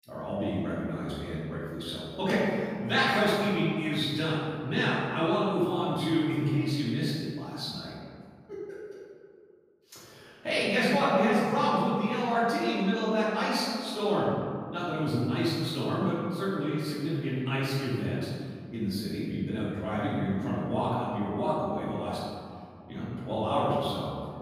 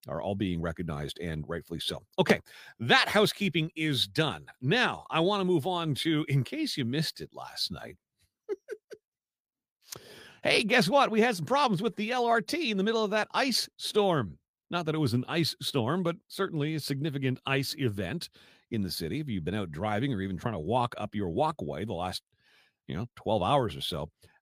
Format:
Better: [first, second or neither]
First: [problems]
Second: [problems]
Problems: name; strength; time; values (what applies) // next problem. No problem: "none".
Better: second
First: room echo; strong; dies away in 2.2 s // off-mic speech; far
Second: none